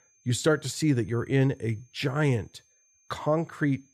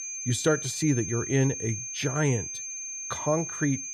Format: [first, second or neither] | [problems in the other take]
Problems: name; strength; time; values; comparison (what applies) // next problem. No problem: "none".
first | high-pitched whine; loud; throughout; 6.5 kHz, 5 dB below the speech; faint in the first